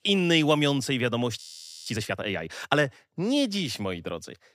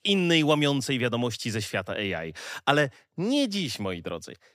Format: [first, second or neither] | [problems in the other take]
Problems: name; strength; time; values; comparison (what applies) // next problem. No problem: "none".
second | audio freezing; at 1.5 s